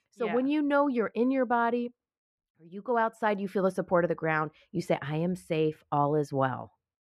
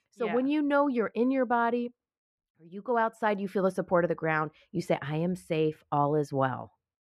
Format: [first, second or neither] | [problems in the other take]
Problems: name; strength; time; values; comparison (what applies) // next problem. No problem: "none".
neither | muffled; very; fading above 3 kHz; the same in both